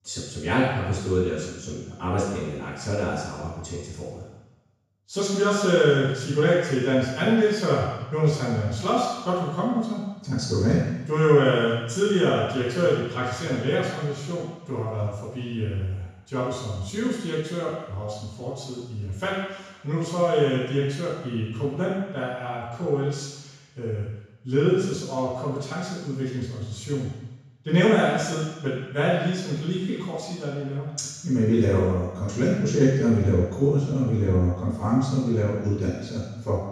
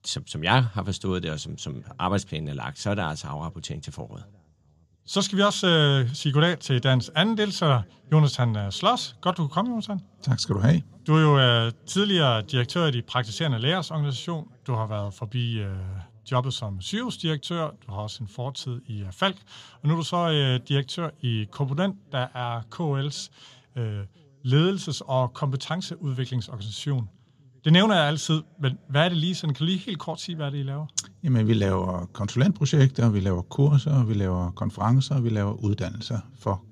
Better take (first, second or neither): second